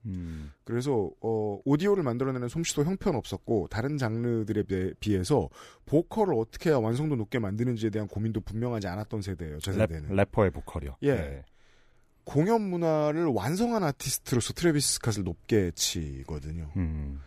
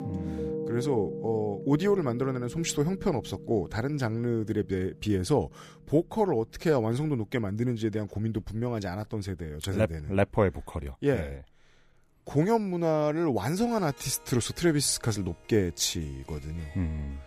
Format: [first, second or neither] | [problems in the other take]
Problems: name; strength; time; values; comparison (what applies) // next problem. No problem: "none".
first | background music; noticeable; throughout; 10 dB below the speech